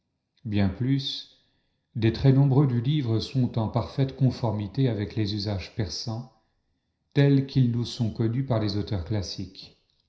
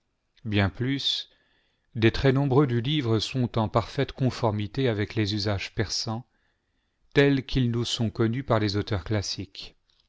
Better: second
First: room echo; dies away in 0.5 s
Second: none

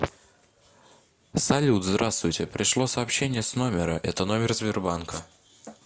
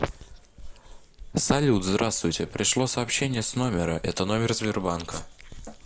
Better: first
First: none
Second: background sound (Cat); 16 dB below the speech

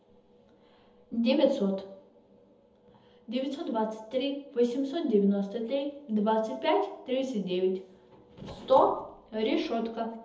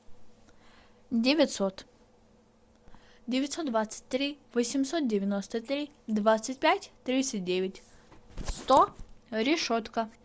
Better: second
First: room echo; dies away in 0.7 s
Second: none

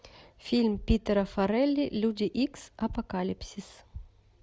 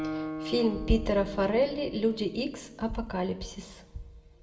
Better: first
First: none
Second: background sound (Guitar); 11 dB below the speech // room echo; dies away in 0.7 s

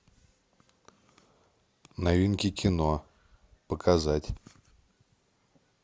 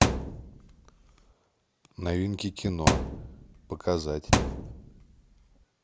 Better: first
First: none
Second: background sound (Thump, thud); 5 dB above the speech

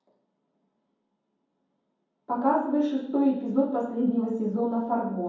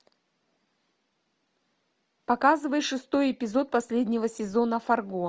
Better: second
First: room echo; dies away in 1.2 s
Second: none

